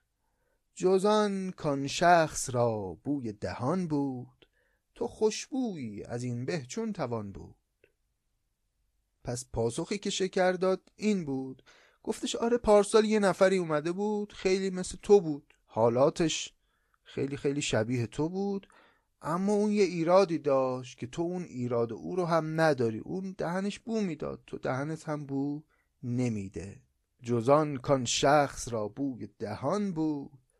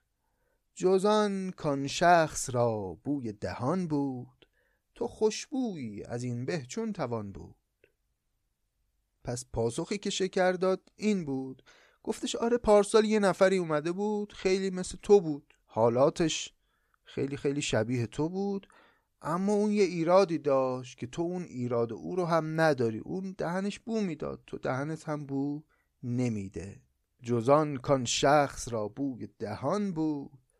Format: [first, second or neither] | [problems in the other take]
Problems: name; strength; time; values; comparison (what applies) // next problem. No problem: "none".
second | garbled, watery; slightly; nothing above 10.5 kHz